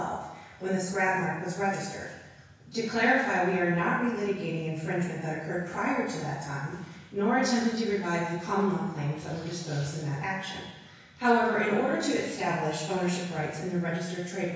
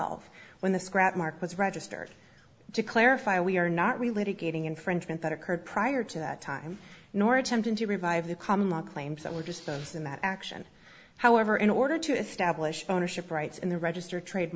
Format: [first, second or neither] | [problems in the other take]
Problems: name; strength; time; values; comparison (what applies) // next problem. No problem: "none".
second | room echo; dies away in 1.1 s